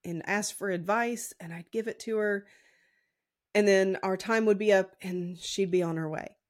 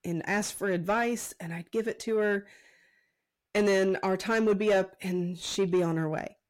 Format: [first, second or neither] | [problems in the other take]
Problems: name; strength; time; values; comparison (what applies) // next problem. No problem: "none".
first | distortion; slight; 10 dB below the speech